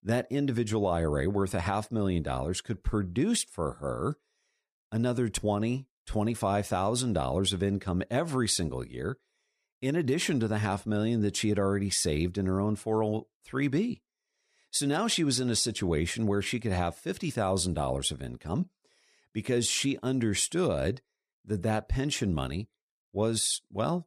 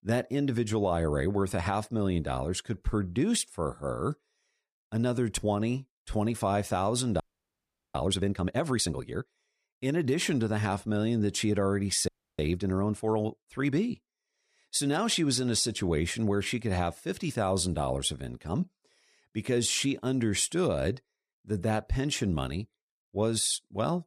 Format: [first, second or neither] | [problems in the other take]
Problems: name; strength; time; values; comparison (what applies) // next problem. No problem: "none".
first | audio freezing; at 7 s for 0.5 s and at 12 s